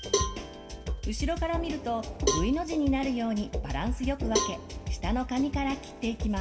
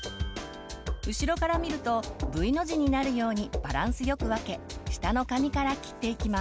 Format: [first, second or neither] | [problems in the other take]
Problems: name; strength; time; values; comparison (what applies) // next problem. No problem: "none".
second | background sound (Cowbell); 7 dB below the speech // room echo; dies away in 1.6 s